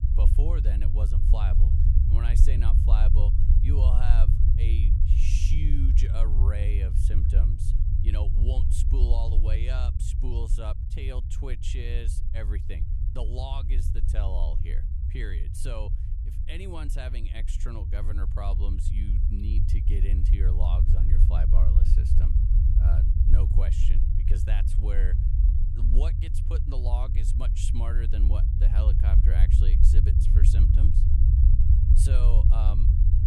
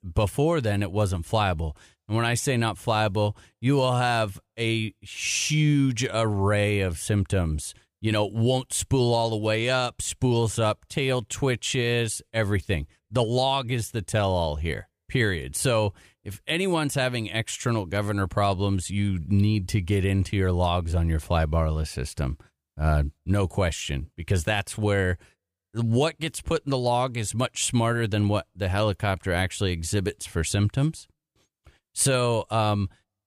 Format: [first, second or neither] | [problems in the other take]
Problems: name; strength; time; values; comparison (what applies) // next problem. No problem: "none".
second | low rumble; loud; throughout; 1 dB below the speech